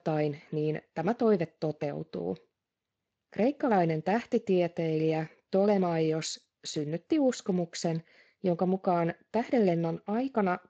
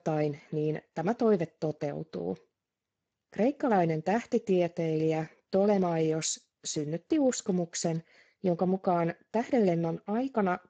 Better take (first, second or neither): first